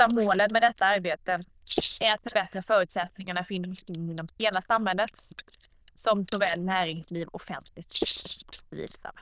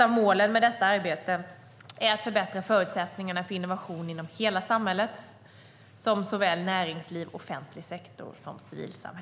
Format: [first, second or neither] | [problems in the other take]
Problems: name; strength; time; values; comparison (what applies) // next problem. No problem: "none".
second | noise reduction (neural diffusion model UNIVERSE++)